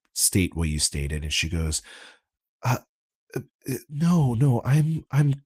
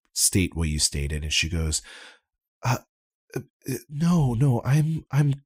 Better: second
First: garbled, watery; slightly; nothing above 15.5 kHz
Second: none

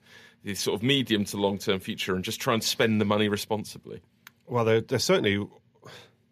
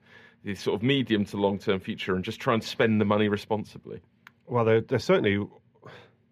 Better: first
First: none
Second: muffled; slightly; fading above 4 kHz

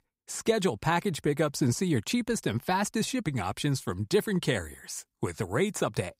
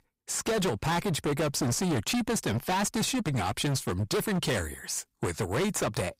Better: first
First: none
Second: distortion; heavy; 26% of the sound clipped

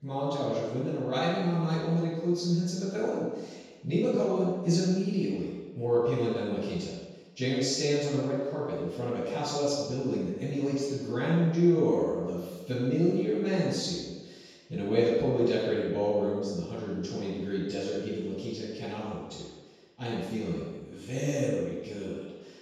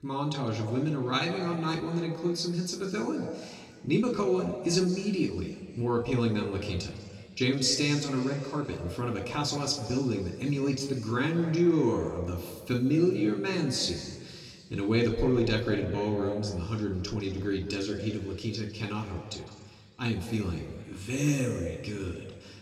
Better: second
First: room echo; strong; dies away in 1.2 s // off-mic speech; far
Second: room echo; slight; dies away in 2 s // off-mic speech; somewhat distant

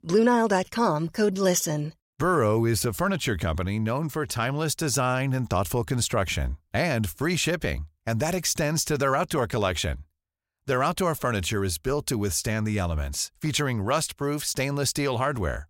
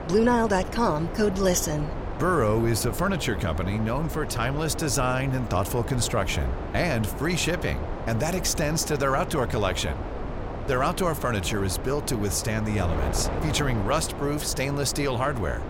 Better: first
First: none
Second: wind noise on the microphone; heavy; 9 dB below the speech

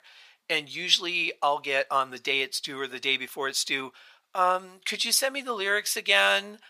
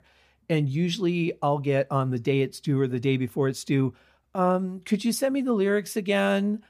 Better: second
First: thin; very; fading below 1 kHz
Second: none

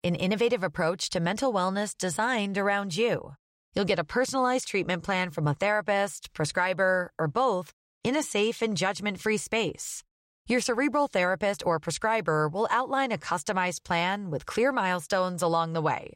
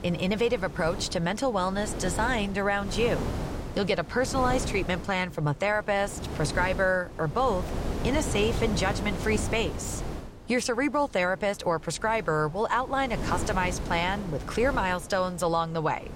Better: first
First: none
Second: wind noise on the microphone; occasional gusts; 10 dB below the speech

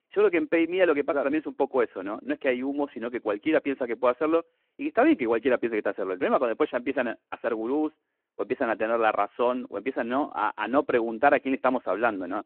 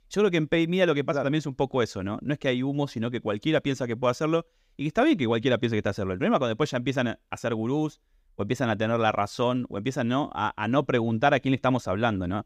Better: second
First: phone-call audio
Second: none

